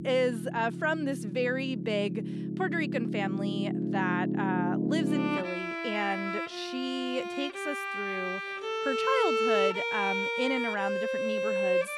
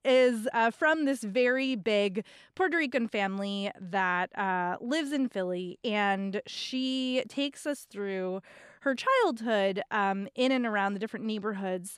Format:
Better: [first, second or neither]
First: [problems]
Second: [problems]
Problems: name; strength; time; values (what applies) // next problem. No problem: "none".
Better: second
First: background music; very loud; throughout; 1 dB above the speech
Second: none